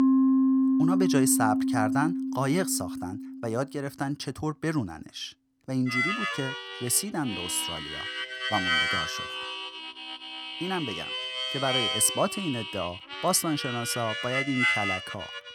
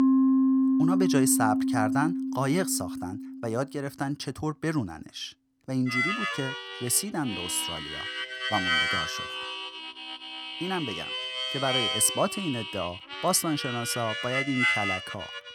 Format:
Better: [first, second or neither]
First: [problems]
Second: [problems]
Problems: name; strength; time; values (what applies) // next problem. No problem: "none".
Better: neither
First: background music; very loud; throughout; 1 dB above the speech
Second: background music; very loud; throughout; 1 dB above the speech